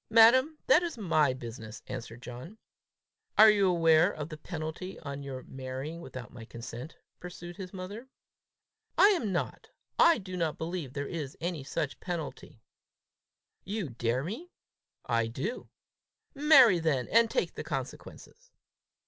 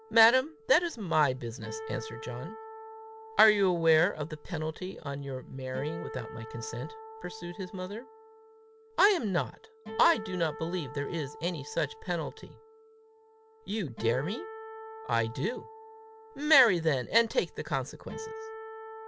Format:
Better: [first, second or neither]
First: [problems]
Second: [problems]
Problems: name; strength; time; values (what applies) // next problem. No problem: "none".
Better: first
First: none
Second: background sound (Acoustic guitar); 14 dB below the speech